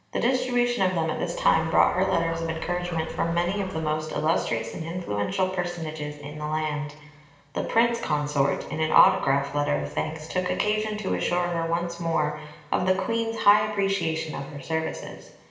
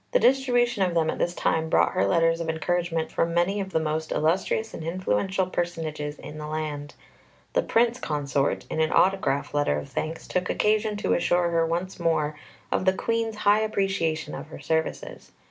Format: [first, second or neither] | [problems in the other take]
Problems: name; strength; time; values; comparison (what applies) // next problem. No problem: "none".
second | background sound (Dog); 14 dB below the speech // room echo; dies away in 1.1 s